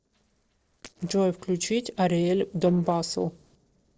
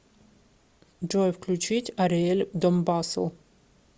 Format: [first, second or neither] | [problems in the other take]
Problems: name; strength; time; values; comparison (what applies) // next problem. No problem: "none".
second | noise reduction (neural separator model SepFormer DNS4)